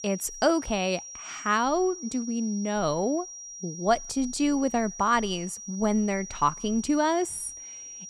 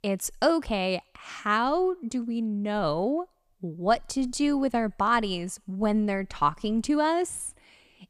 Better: second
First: high-pitched whine; noticeable; throughout; 5.5 kHz, 10 dB below the speech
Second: none

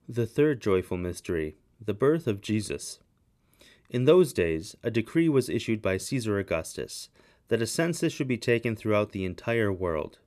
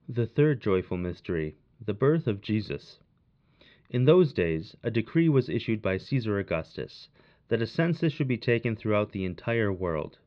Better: first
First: none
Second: muffled; very slightly; fading above 4 kHz

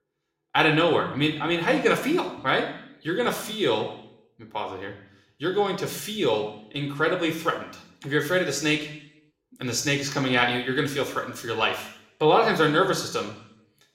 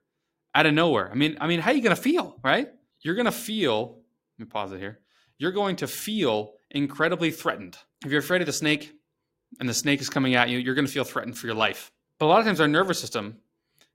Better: second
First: room echo; slight; dies away in 0.6 s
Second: none

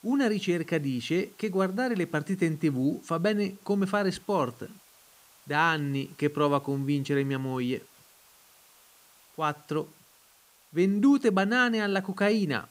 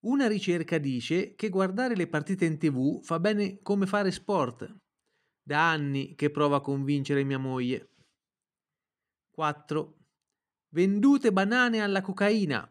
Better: second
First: hiss; faint; throughout; 30 dB below the speech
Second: none

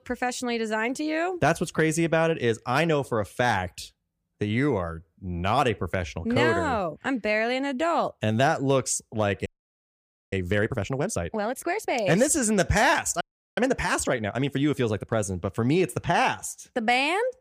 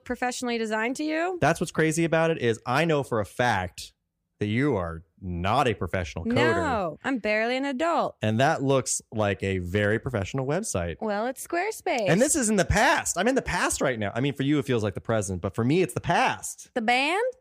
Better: second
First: audio freezing; at 9.5 s for 1 s and at 13 s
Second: none

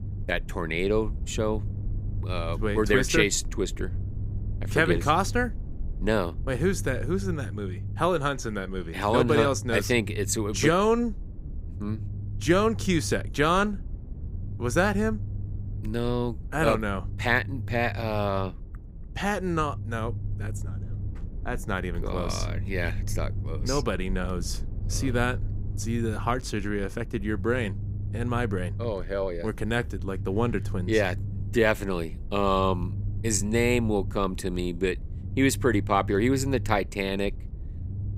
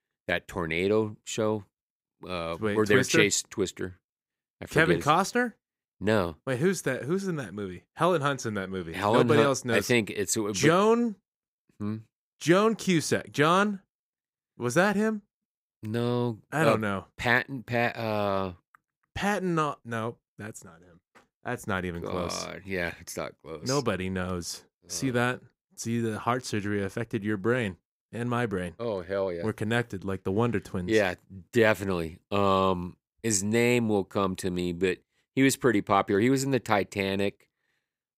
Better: second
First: low rumble; faint; throughout; 20 dB below the speech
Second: none

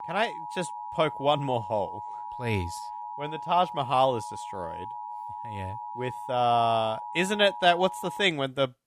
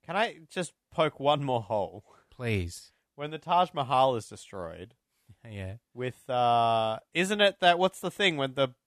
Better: second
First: alarm; faint; until 8 s; peak 10 dB below the speech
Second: none

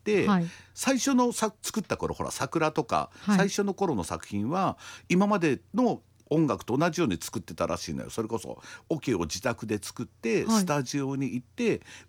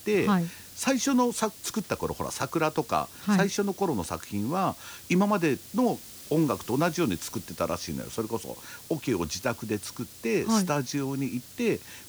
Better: first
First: none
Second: hiss; noticeable; throughout; 15 dB below the speech

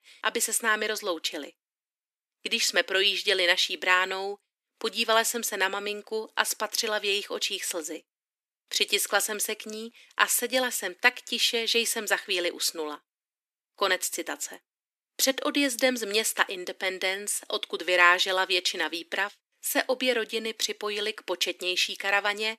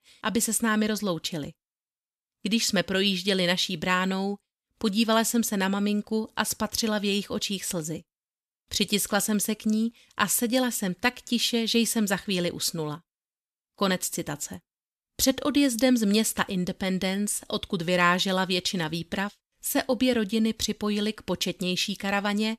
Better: second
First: thin; very; fading below 300 Hz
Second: none

